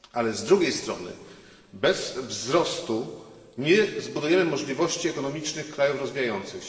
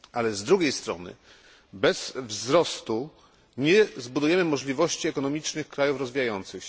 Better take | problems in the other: second | room echo; dies away in 2 s

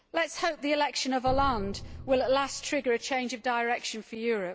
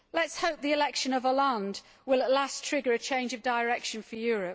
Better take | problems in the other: second | background sound (Drum); 12 dB below the speech

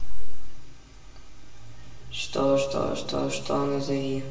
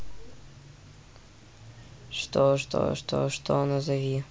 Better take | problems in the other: second | room echo; dies away in 1.1 s

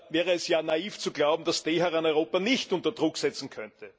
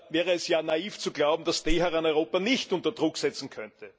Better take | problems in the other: first | background sound (Whoosh, swoosh, swish); 2 dB below the speech

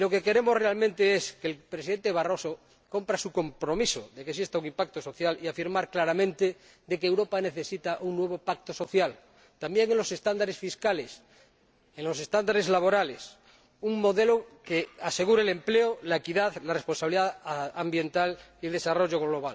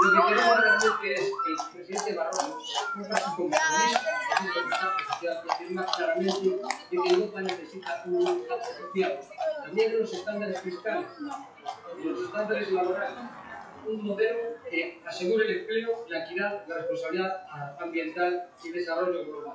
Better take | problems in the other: first | noise reduction (classical method WPE with log-MMSE)

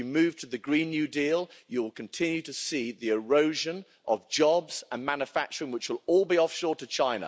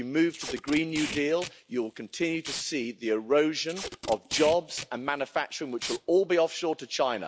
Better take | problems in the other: first | background sound (Packing tape, duct tape); 13 dB below the speech

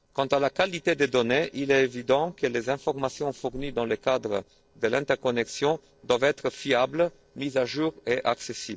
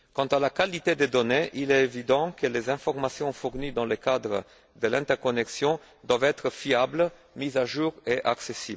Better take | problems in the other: second | noise reduction (neural separator model SepFormer DNS4)

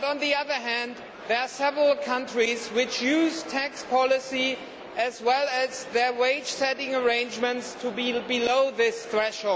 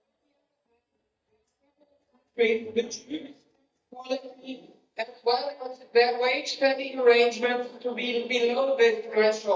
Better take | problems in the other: first | noise reduction (neural mask model DeepFilterNet 3)

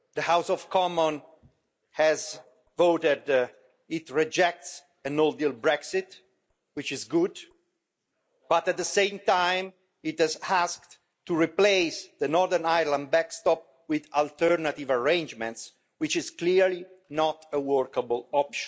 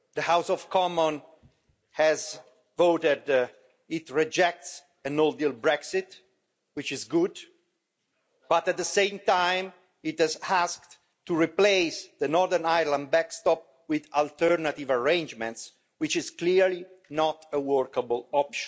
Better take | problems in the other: second | noise reduction (neural mask model Resemble Enhance denoiser)

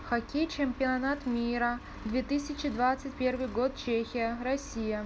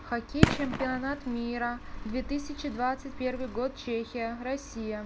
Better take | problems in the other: first | background sound (Fireworks); as loud as the speech

